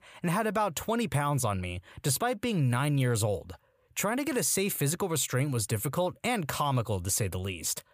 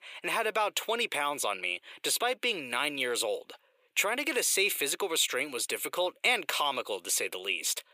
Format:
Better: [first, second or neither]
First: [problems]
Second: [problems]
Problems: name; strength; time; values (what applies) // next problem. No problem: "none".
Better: first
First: none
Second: thin; very; fading below 350 Hz